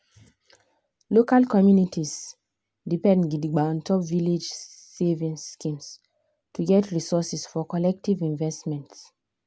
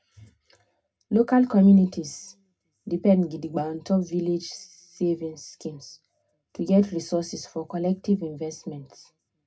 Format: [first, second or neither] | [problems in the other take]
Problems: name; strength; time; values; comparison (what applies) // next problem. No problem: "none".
first | room echo; dies away in 0.2 s